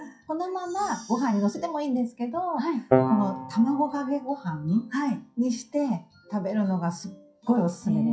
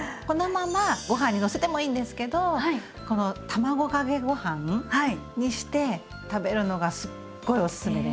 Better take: second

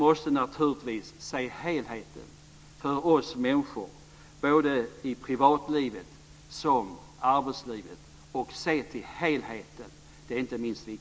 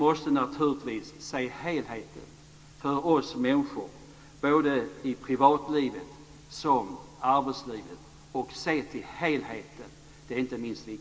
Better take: first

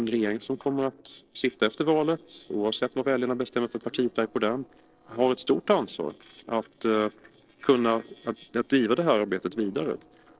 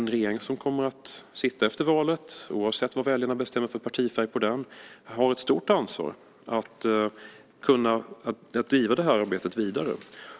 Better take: second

